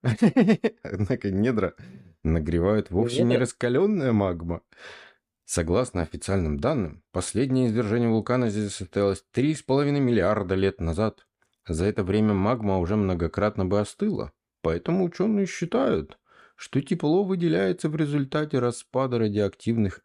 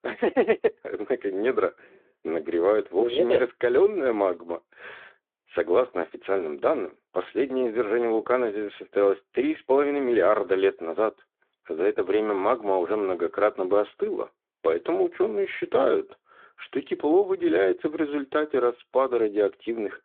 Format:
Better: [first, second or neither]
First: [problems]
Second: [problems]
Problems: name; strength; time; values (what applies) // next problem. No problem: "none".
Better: first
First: none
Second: phone-call audio